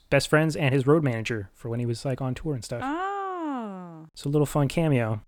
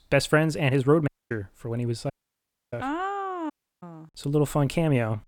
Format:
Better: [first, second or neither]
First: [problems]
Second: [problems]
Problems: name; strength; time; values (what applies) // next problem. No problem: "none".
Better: first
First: none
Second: audio cutting out; at 1 s, at 2 s for 0.5 s and at 3.5 s